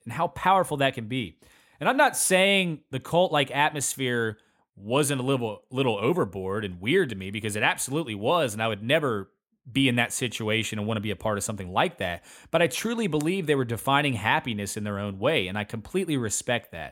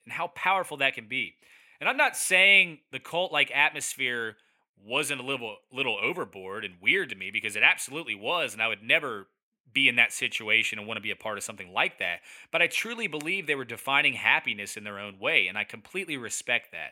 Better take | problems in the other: first | thin; somewhat; fading below 900 Hz

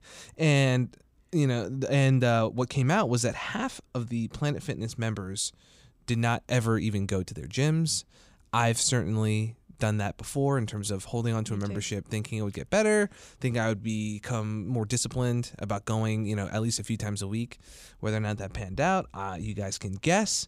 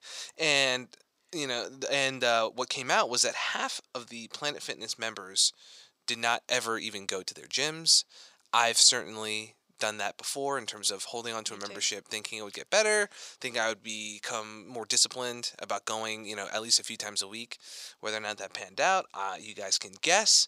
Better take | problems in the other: first | thin; very; fading below 600 Hz

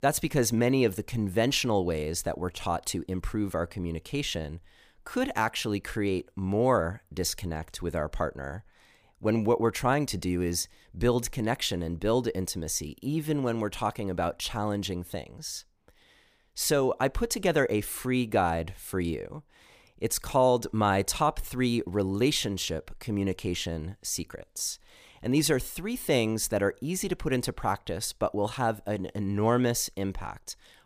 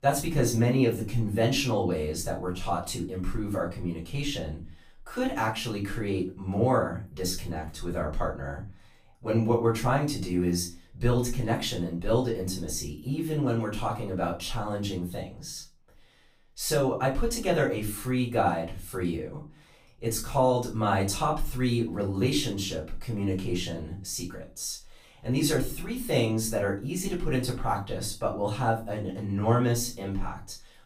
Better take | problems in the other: first | off-mic speech; far // room echo; slight; dies away in 0.3 s

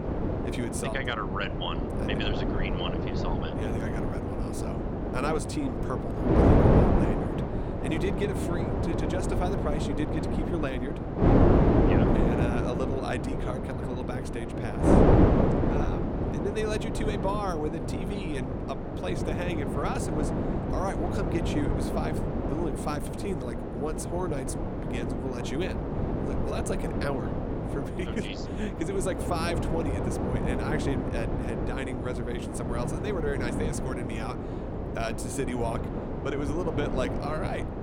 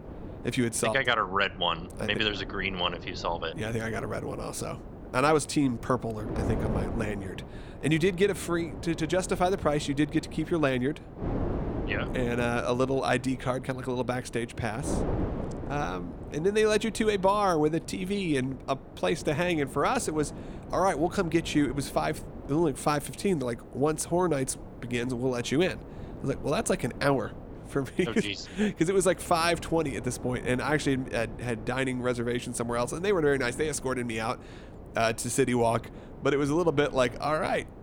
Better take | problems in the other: second | wind noise on the microphone; heavy; 3 dB above the speech; occasional gusts in the second

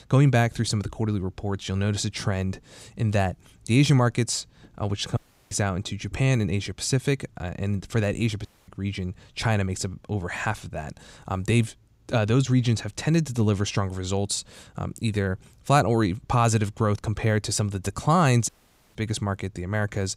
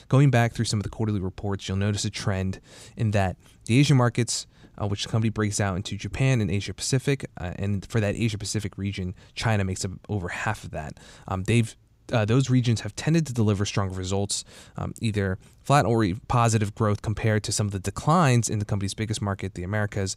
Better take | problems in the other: second | audio cutting out; at 5 s, at 8.5 s and at 18 s

